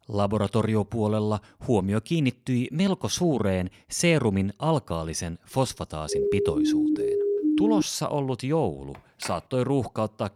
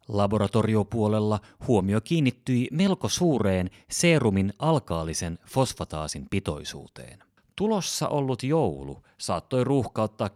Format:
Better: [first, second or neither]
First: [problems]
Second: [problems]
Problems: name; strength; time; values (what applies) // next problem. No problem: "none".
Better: second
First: siren; loud; from 6 to 8 s; peak 4 dB above the speech // phone ringing; faint; at 9 s; peak 15 dB below the speech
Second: none